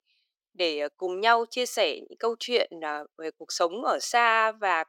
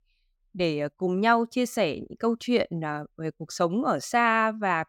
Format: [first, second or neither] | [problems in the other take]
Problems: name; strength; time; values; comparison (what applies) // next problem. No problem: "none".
second | thin; very; fading below 350 Hz